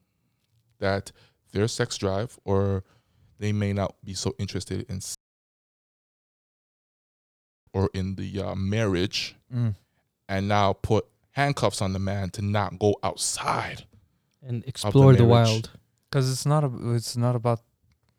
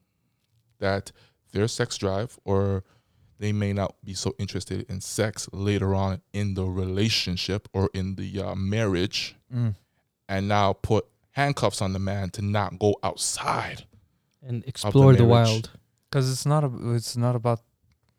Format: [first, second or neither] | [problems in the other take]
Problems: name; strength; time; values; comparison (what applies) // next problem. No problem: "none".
second | audio cutting out; at 5 s for 2.5 s